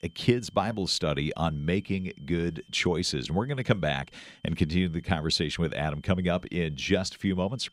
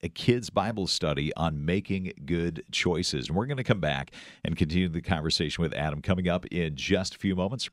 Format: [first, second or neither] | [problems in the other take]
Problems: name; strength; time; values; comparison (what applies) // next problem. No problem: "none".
second | high-pitched whine; faint; throughout; 3 kHz, 35 dB below the speech